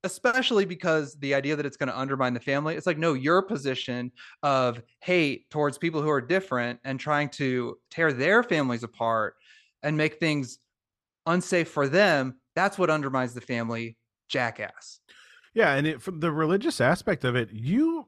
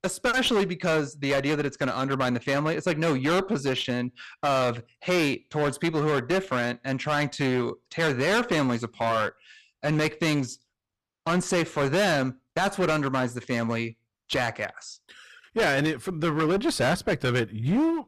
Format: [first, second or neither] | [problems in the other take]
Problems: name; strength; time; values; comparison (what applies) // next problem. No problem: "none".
first | distortion; heavy; 16% of the sound clipped